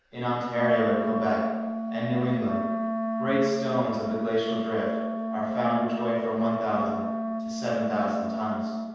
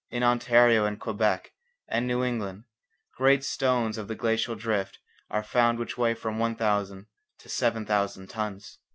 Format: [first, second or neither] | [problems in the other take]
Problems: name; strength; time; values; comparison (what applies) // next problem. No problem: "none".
second | background sound (Wind instrument, woodwind instrument); 2 dB below the speech // room echo; dies away in 1.2 s